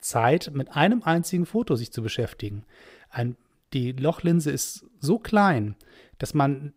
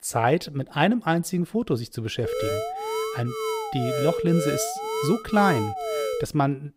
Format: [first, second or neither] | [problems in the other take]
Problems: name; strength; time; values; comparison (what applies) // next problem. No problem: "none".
first | alarm; noticeable; from 2 to 6.5 s; peak 2 dB below the speech